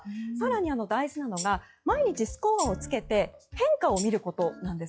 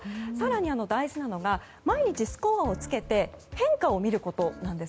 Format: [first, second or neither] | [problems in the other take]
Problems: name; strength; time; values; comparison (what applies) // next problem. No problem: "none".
second | noise reduction (classical method log-MMSE)